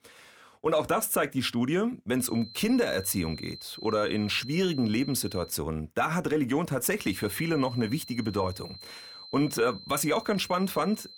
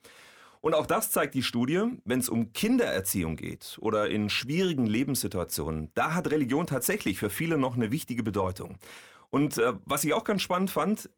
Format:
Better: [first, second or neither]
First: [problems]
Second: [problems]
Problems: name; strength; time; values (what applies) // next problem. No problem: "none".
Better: second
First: high-pitched whine; noticeable; from 2 to 5.5 s and from 7 s on; 4 kHz, 15 dB below the speech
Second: none